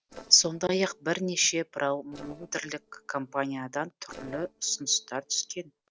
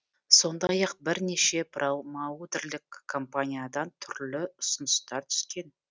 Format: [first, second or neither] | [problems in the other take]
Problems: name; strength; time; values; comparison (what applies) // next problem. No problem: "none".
second | noise reduction (neural separator model SepFormer DNS4)